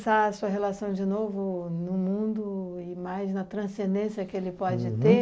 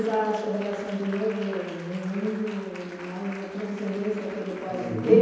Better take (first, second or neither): first